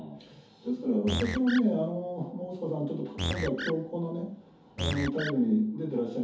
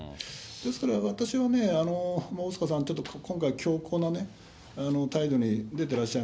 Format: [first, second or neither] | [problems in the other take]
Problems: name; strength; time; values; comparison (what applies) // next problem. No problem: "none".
second | background sound (Animal); 5 dB below the speech // room echo; dies away in 0.5 s